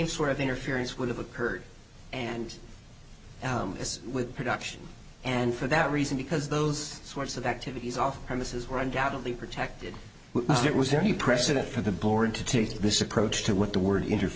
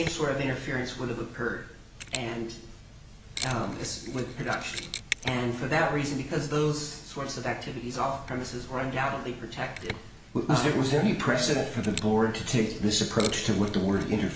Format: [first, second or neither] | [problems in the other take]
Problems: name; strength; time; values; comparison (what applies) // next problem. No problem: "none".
first | background sound (Mechanisms); 14 dB below the speech // room echo; dies away in 0.7 s